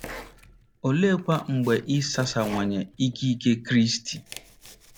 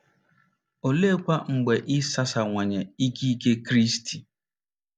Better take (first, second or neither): second